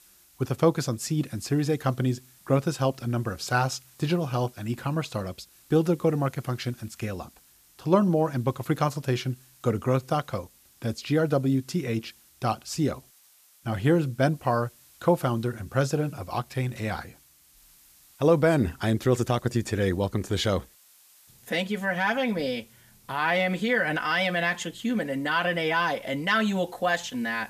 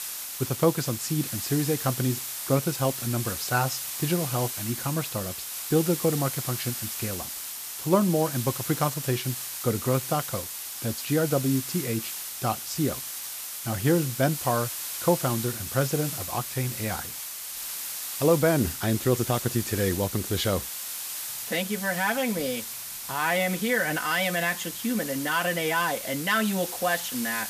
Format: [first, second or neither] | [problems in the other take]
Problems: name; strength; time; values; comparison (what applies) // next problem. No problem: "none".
first | hiss; loud; throughout; 5 dB below the speech; faint in the first